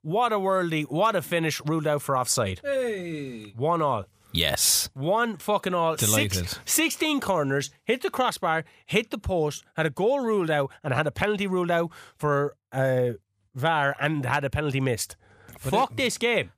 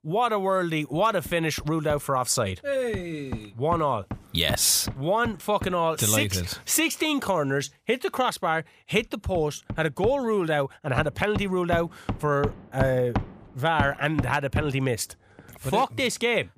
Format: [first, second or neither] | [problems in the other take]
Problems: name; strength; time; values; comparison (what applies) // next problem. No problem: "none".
first | machinery noise; noticeable; throughout; 10 dB below the speech